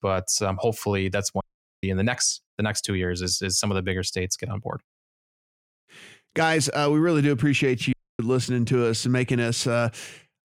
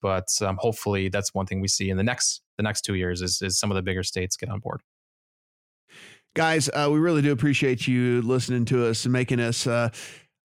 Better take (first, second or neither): second